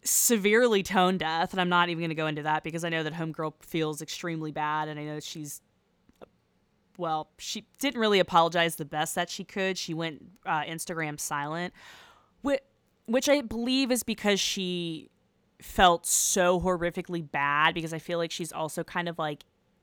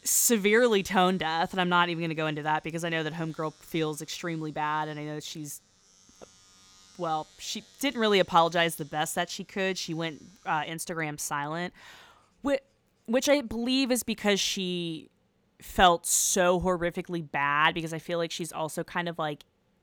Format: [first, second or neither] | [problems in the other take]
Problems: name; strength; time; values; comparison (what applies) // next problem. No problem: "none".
first | household noises; faint; until 15 s; 30 dB below the speech